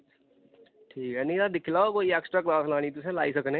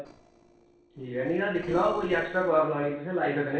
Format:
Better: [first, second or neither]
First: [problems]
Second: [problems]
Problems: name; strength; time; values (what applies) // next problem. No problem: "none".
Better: first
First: none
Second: noise reduction (neural separator model SepFormer DNS4)